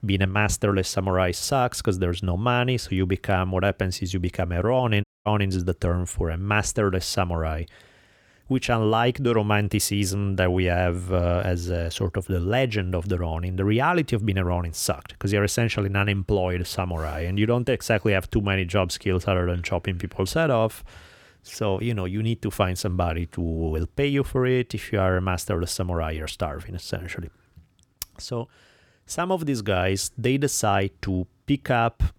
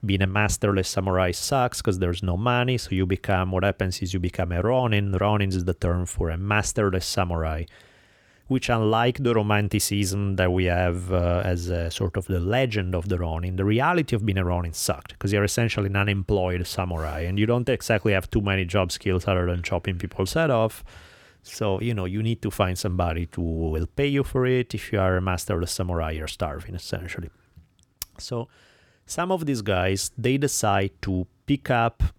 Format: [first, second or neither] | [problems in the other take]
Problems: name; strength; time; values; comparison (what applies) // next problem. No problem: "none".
second | audio cutting out; at 5 s